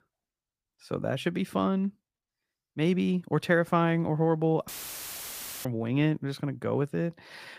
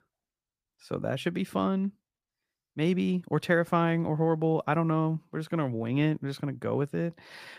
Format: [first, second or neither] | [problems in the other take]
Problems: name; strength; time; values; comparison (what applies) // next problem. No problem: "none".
second | audio cutting out; filled with static; at 4.5 s for 1 s